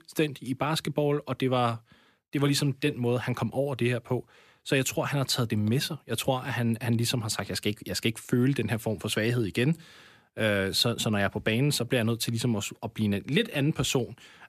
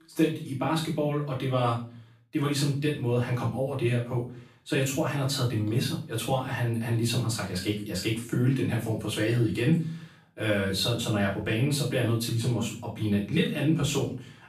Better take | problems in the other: first | off-mic speech; far // room echo; noticeable; dies away in 0.4 s

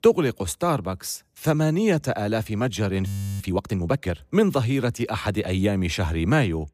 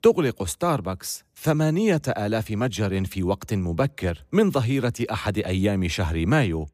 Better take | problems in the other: second | audio freezing; at 3 s

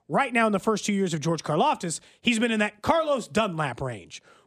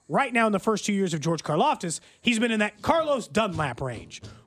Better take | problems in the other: first | household noises; faint; throughout; 20 dB below the speech

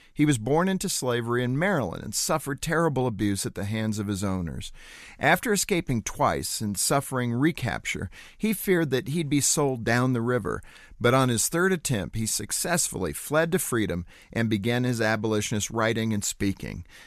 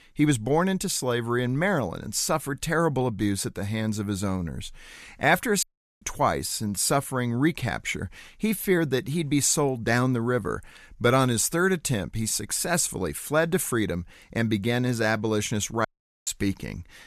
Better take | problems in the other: first | audio cutting out; at 5.5 s and at 16 s

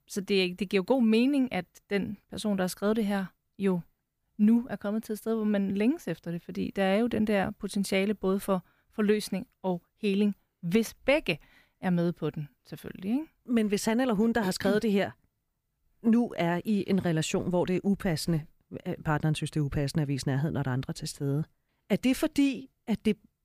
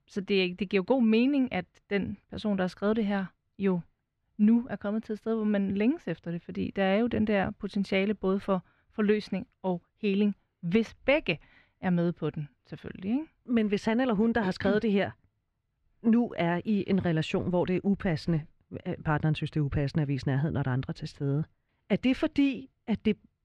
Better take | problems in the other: first | muffled; very slightly; fading above 3 kHz

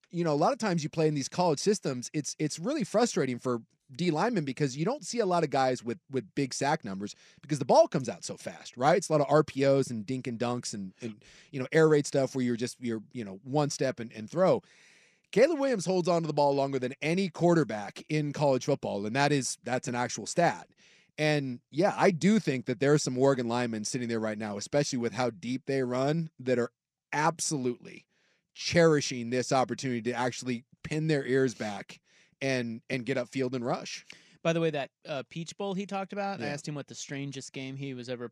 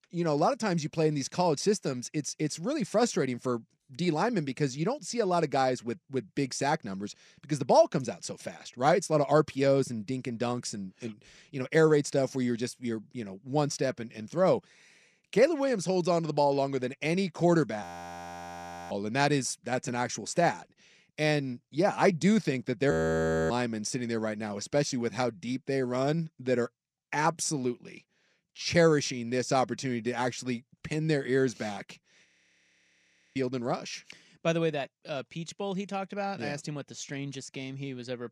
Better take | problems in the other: first | audio freezing; at 18 s for 1 s, at 23 s for 0.5 s and at 32 s for 1 s

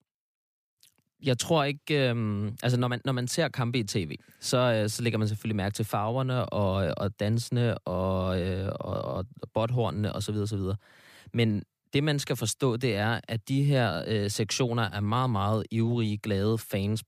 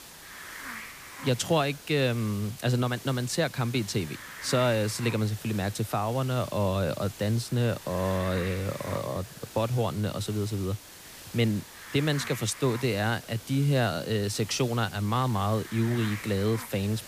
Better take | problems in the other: first | hiss; noticeable; throughout; 15 dB below the speech

